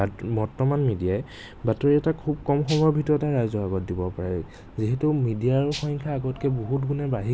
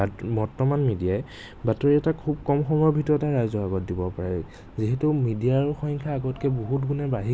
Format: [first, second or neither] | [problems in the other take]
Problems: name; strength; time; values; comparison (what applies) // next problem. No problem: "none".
second | background sound (Rattle (instrument)); 13 dB below the speech